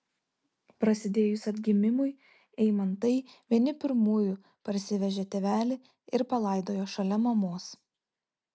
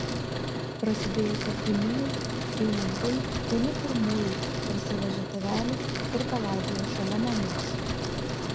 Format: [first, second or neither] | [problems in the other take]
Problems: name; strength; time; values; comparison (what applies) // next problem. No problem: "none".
first | background sound (Truck); 1 dB above the speech